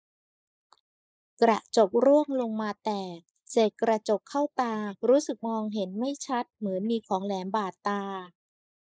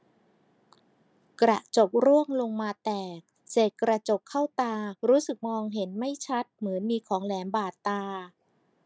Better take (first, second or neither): second